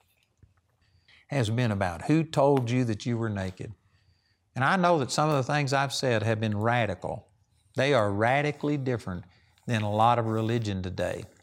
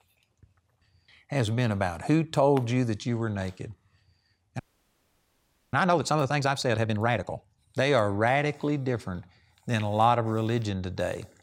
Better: first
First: none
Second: audio freezing; at 4.5 s for 1 s

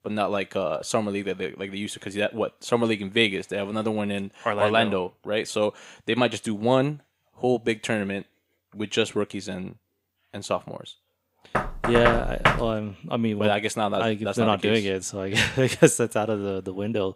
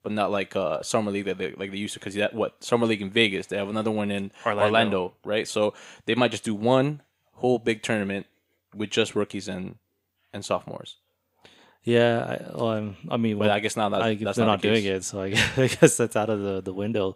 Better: second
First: door banging; loud; from 12 to 13 s; peak 2 dB above the speech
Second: none

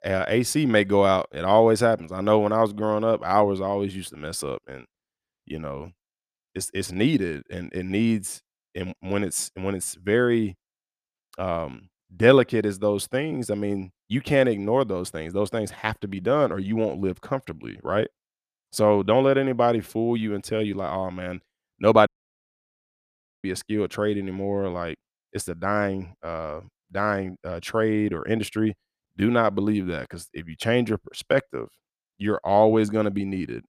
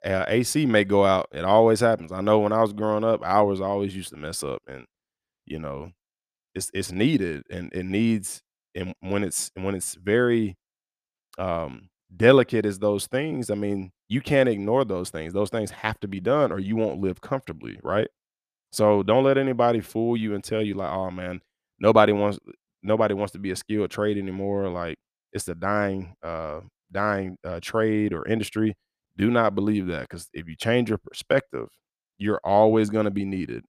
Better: second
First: audio cutting out; at 22 s for 1.5 s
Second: none

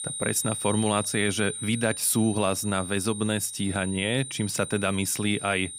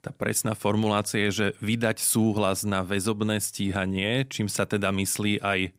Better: second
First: high-pitched whine; loud; throughout; 9 kHz, 7 dB below the speech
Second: none

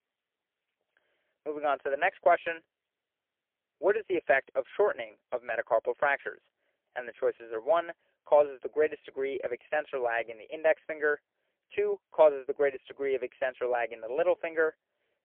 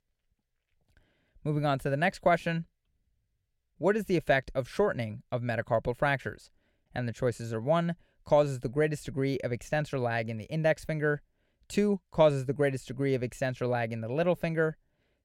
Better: second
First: phone-call audio; poor line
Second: none

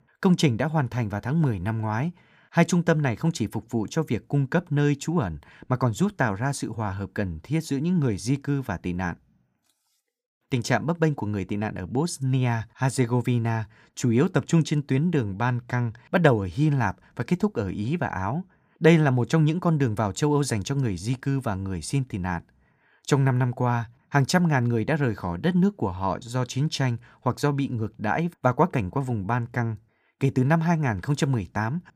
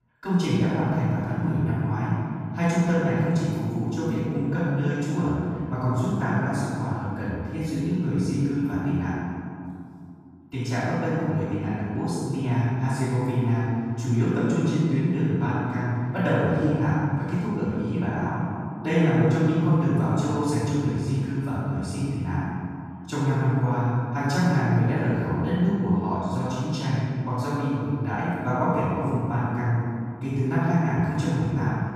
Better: first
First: none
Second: off-mic speech; far // room echo; strong; dies away in 2.4 s

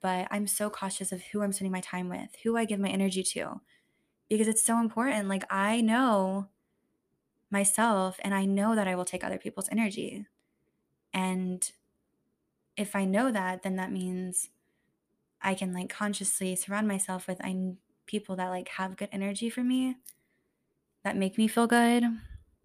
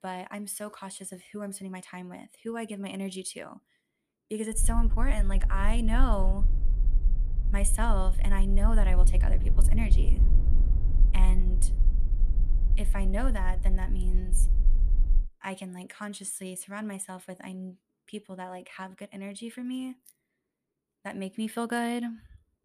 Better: first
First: none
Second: low rumble; noticeable; from 4.5 to 15 s; 15 dB below the speech

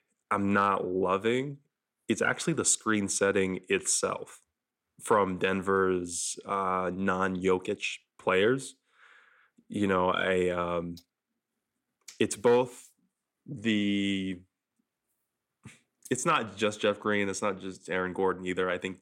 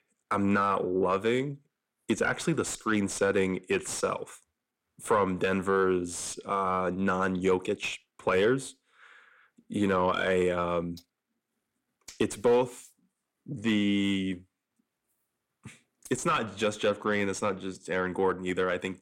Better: first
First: none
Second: distortion; slight; 10 dB below the speech

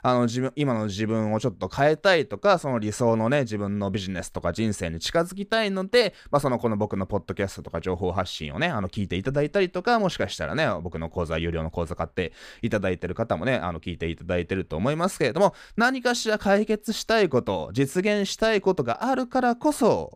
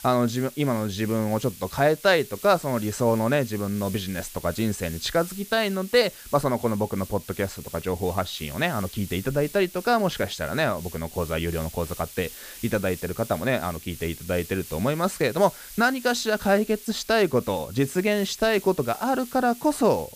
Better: first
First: none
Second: hiss; noticeable; throughout; 15 dB below the speech

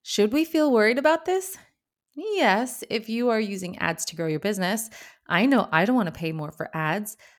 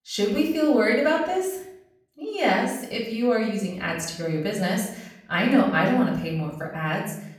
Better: first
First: none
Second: off-mic speech; far // room echo; noticeable; dies away in 0.7 s

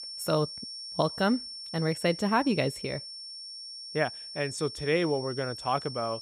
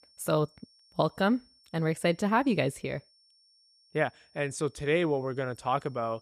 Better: second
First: high-pitched whine; loud; throughout; 5.5 kHz, 9 dB below the speech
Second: high-pitched whine; faint; throughout; 5.5 kHz, 30 dB below the speech

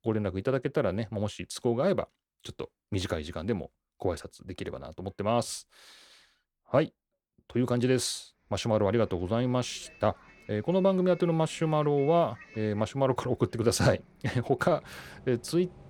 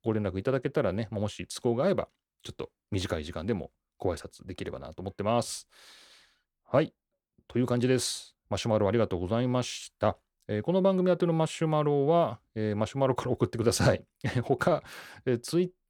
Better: second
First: traffic noise; faint; from 8.5 s on; 25 dB below the speech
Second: none

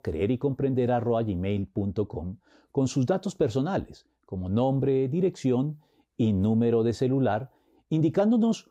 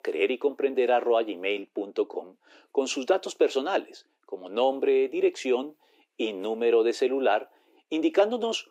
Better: first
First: none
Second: thin; very; fading below 300 Hz

